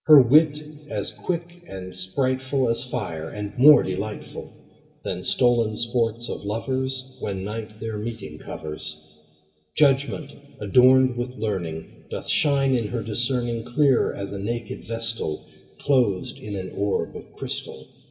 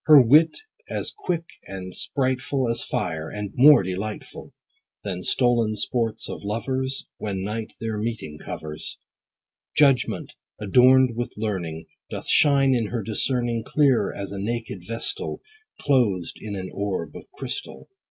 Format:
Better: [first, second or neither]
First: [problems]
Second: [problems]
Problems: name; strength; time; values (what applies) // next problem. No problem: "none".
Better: second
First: room echo; dies away in 1.5 s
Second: none